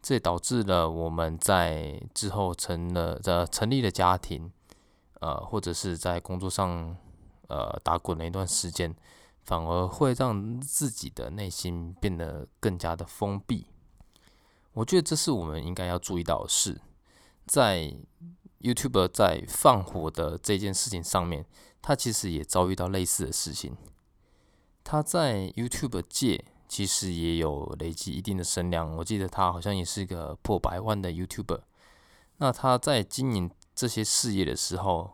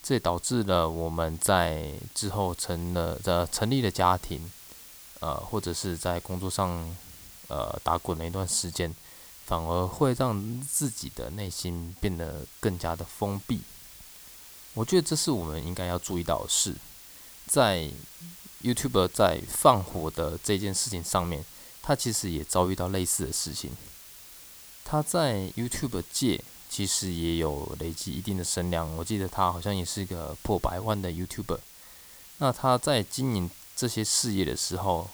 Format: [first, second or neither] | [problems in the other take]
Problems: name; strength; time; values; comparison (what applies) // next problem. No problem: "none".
first | hiss; noticeable; throughout; 15 dB below the speech